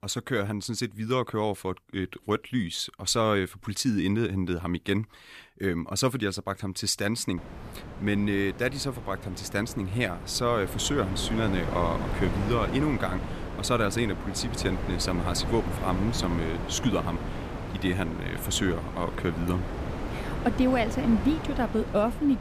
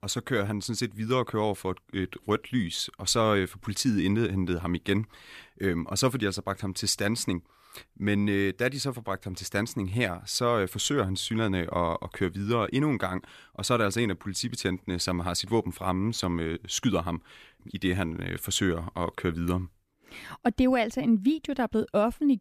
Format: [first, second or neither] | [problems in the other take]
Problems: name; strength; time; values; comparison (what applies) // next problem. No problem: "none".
second | wind noise on the microphone; heavy; from 7.5 s on; 8 dB below the speech